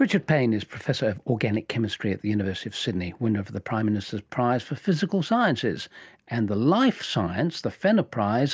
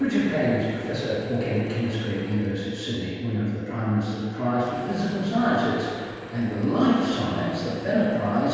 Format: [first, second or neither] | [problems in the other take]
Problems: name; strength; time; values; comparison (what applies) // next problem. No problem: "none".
first | background sound (Drill / Mechanisms); 17 dB below the speech // room echo; dies away in 1.9 s